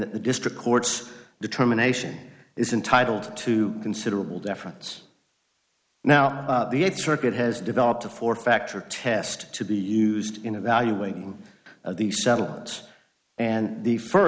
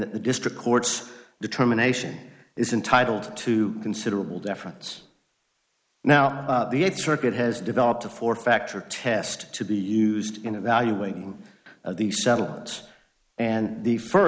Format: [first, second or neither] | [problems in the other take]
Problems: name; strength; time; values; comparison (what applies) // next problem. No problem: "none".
first | noise reduction (neural mask model Resemble Enhance denoiser)